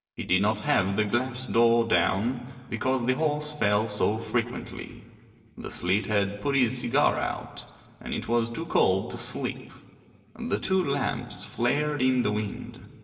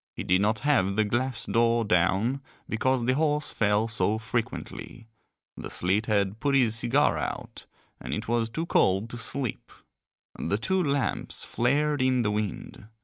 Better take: second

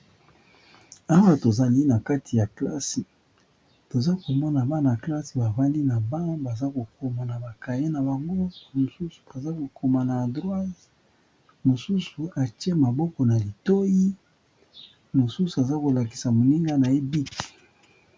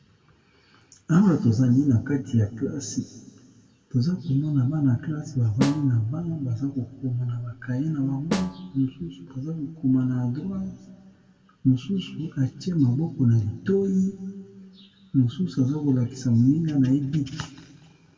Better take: first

